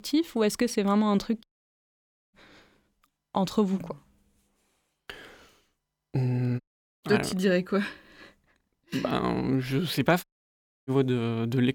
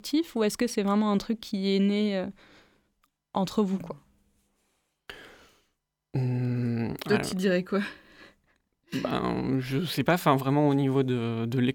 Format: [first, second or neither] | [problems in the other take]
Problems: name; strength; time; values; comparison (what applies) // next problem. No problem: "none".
second | audio cutting out; at 1.5 s for 1 s, at 6.5 s and at 10 s for 0.5 s